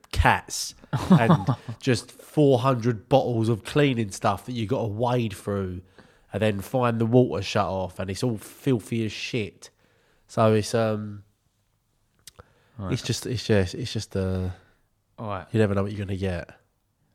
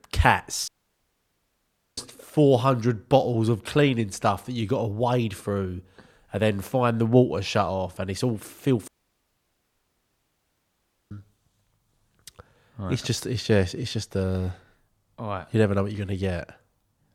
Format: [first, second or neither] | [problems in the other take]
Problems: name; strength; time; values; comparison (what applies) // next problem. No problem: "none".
first | audio cutting out; at 0.5 s for 1.5 s and at 9 s for 2 s